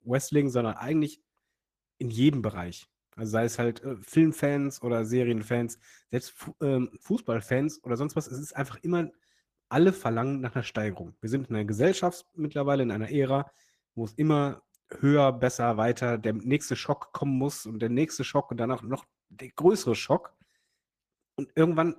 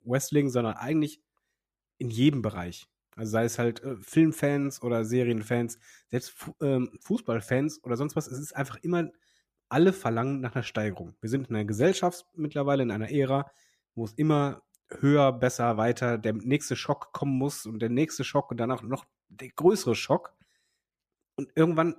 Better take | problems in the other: second | garbled, watery; slightly; nothing above 14.5 kHz

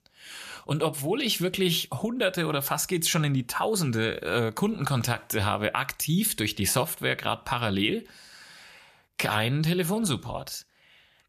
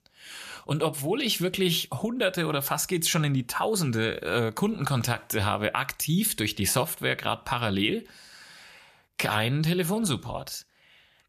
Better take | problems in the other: neither | none

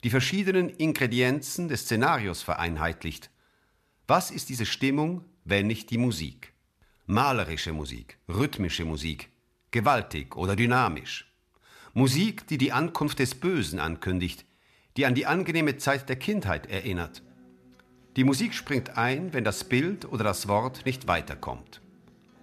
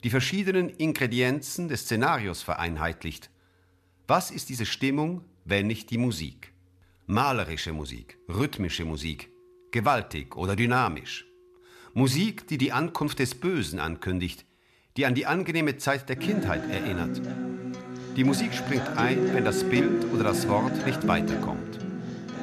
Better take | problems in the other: first | background music; loud; throughout; 2 dB below the speech; faint in the first

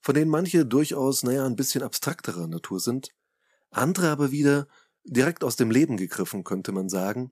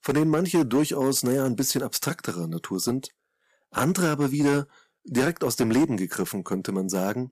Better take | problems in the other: first | distortion; slight; 5% of the sound clipped

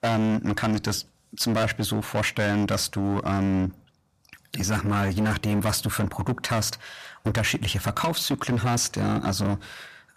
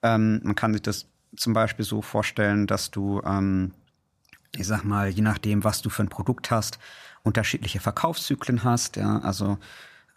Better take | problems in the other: second | distortion; heavy; 19% of the sound clipped

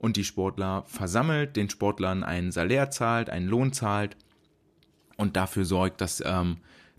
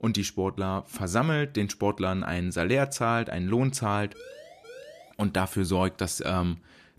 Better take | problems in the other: first | siren; faint; at 4 s; peak 20 dB below the speech

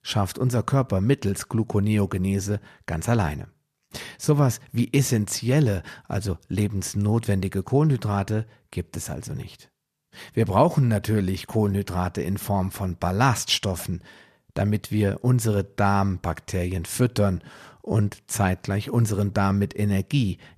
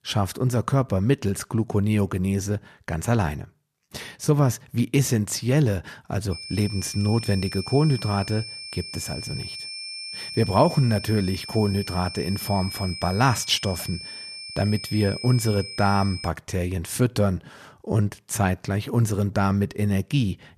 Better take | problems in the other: first | high-pitched whine; loud; from 6.5 to 16 s; 5.5 kHz, 10 dB below the speech

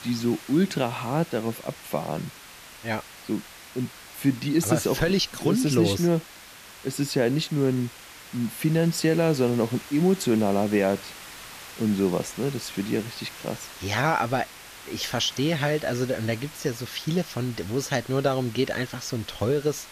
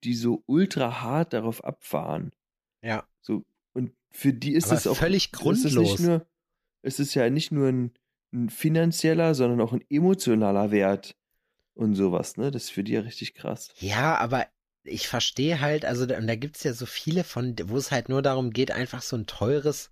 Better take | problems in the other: second | hiss; noticeable; throughout; 15 dB below the speech

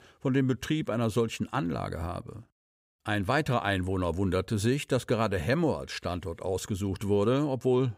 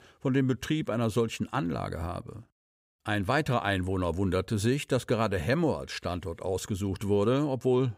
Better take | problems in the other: neither | none

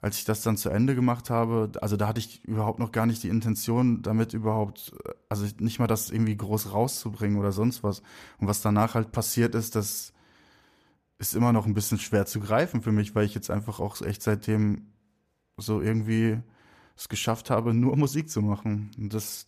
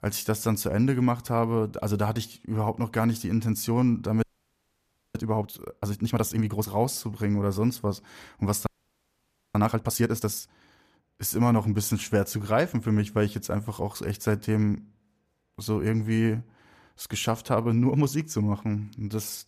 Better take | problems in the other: first | audio freezing; at 4 s for 1 s and at 8.5 s for 1 s

